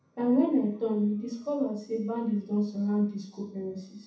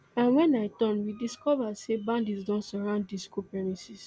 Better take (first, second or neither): second